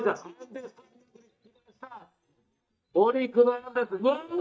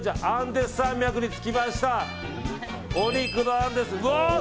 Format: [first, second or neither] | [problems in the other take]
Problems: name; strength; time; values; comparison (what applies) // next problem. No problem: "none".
second | noise reduction (neural mask model DeepFilterNet 3)